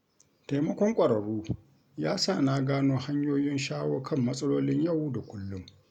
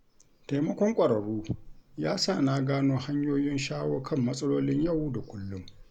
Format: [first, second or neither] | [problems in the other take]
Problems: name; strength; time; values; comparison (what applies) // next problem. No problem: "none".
first | background sound (Meow / Purr); 20 dB below the speech